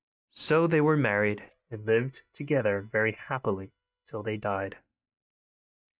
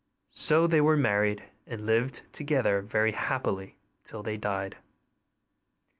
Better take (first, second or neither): second